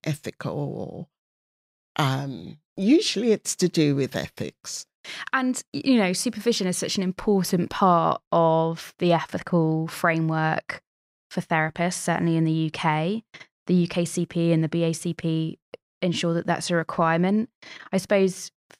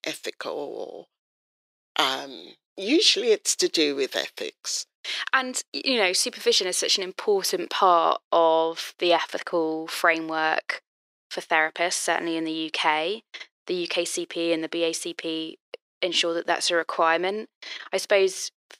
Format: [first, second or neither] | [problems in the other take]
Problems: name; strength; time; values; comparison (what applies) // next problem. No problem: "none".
first | thin; very; fading below 350 Hz